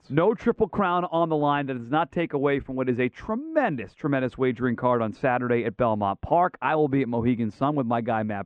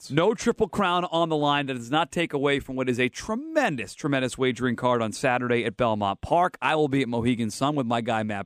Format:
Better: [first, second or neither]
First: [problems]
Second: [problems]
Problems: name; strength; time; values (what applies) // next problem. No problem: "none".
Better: second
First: muffled; very; fading above 1.5 kHz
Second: none